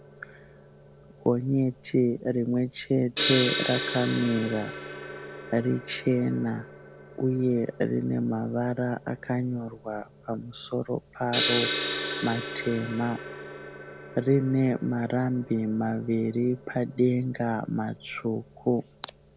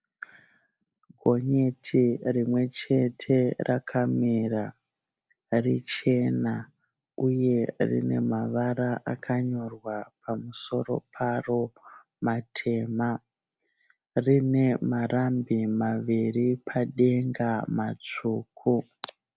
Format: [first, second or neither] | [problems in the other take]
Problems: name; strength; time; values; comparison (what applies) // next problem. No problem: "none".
second | background sound (Gong); 8 dB below the speech